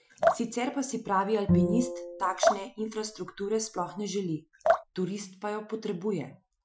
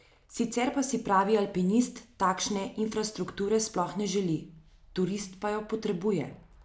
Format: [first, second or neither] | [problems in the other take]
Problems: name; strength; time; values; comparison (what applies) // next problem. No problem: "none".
second | noise reduction (classical method Wiener filter)